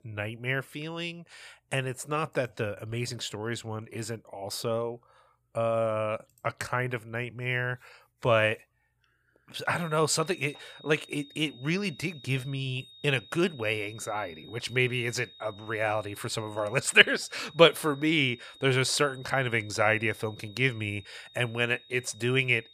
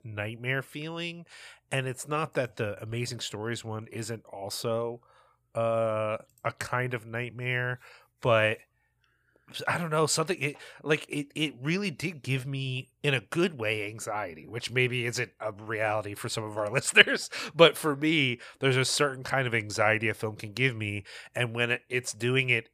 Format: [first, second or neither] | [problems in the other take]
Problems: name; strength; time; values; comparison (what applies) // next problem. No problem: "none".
second | high-pitched whine; faint; from 9.5 s on; 4 kHz, 20 dB below the speech